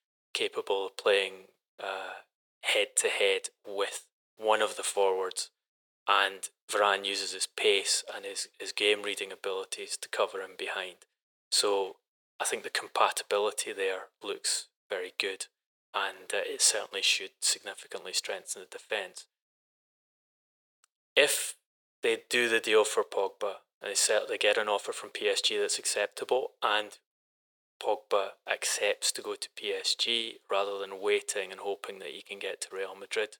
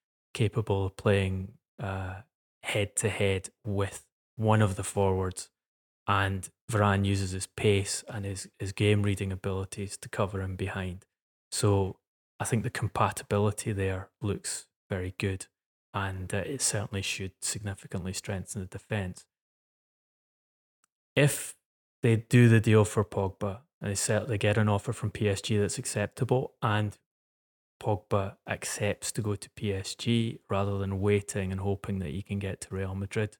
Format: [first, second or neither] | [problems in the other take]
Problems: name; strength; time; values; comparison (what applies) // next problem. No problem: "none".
second | thin; very; fading below 450 Hz